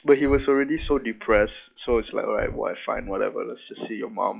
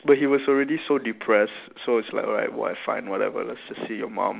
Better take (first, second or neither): second